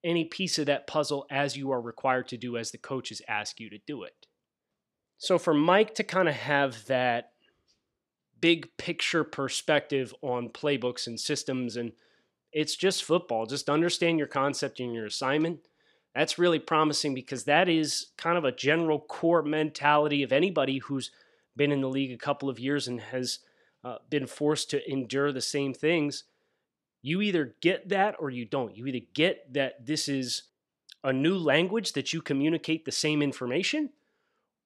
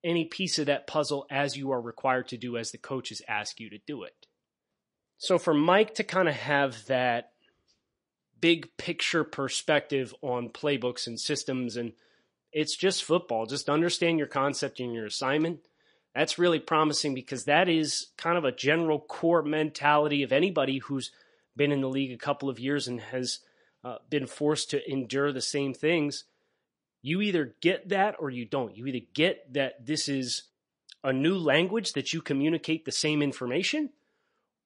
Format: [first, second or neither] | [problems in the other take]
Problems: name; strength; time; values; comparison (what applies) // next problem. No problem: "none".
first | garbled, watery; slightly; nothing above 10.5 kHz